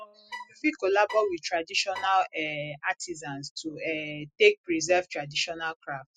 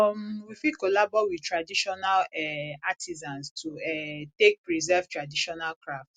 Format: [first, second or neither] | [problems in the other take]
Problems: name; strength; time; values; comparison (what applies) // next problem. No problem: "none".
second | noise reduction (classical method spectral subtraction)